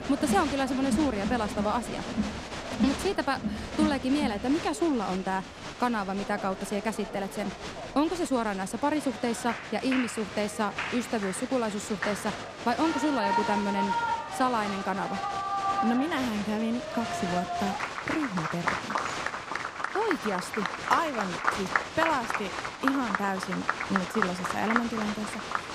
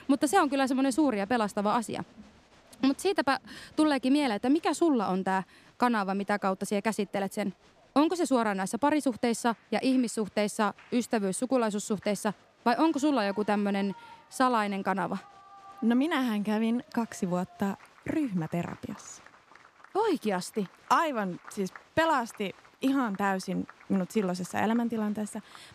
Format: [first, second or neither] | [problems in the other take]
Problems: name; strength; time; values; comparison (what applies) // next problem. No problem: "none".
second | crowd noise; loud; throughout; 3 dB below the speech; faint in the second